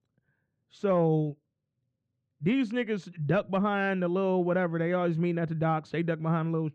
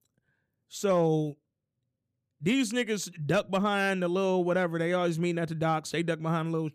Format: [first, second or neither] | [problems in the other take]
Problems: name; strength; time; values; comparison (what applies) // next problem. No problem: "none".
second | muffled; very; fading above 2 kHz